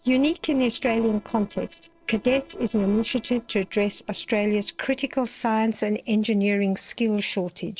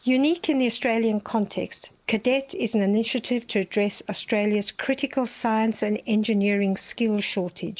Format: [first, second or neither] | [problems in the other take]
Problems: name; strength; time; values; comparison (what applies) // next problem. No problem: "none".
second | noise reduction (neural separator model SepFormer DNS4)